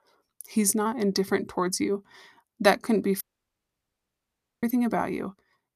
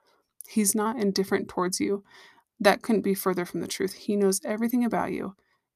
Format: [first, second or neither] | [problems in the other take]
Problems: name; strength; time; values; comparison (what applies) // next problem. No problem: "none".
second | audio cutting out; at 3 s for 1.5 s